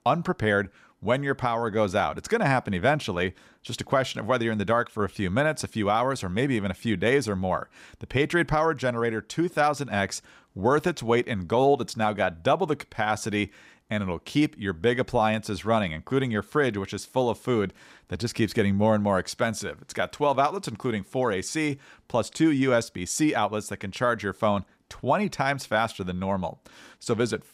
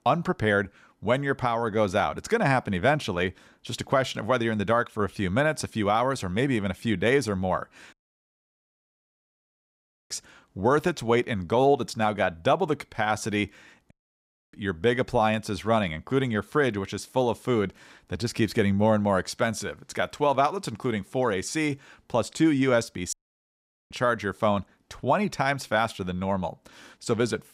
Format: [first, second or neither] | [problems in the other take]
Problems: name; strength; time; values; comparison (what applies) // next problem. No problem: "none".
first | audio cutting out; at 8 s for 2 s, at 14 s for 0.5 s and at 23 s for 1 s